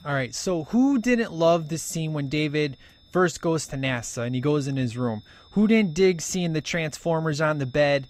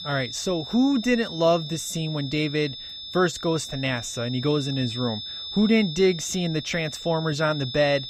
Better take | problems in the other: first | high-pitched whine; loud; throughout; 3.5 kHz, 9 dB below the speech; faint in the first

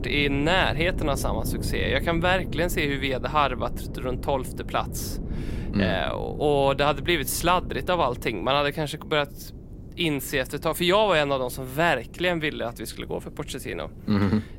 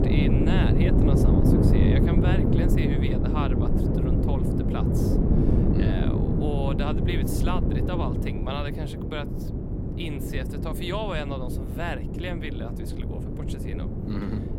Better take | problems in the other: first | wind noise on the microphone; heavy; 3 dB above the speech; occasional gusts in the first

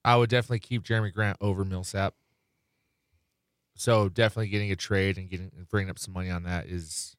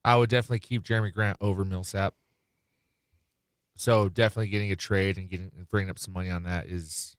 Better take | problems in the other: first | garbled, watery; slightly; nothing above 18.5 kHz

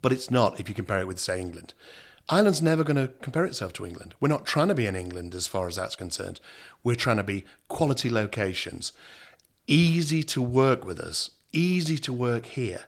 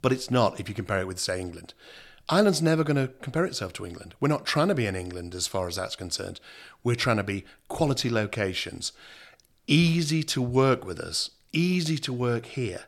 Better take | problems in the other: second | garbled, watery; slightly; nothing above 17.5 kHz

